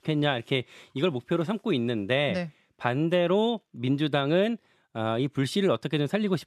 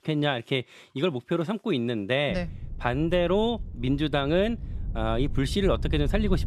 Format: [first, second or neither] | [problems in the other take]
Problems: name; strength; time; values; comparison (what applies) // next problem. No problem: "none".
first | wind noise on the microphone; occasional gusts; from 2.5 s on; 25 dB below the speech